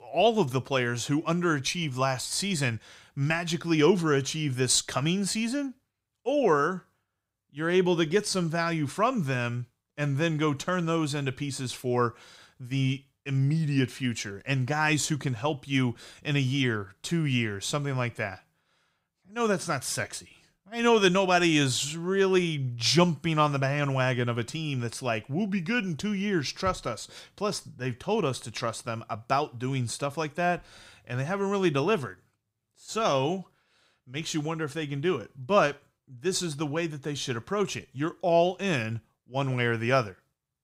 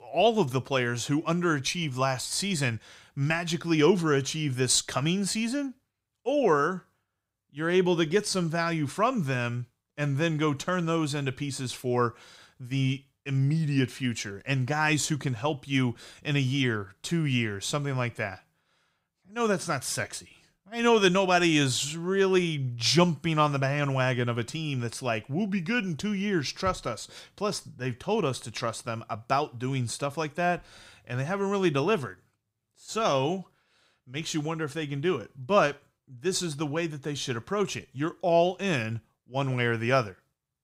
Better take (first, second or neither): neither